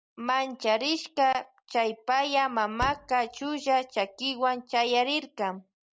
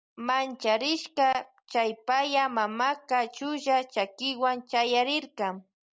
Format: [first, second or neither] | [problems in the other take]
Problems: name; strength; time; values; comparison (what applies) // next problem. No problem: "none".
second | background sound (Slam); 17 dB below the speech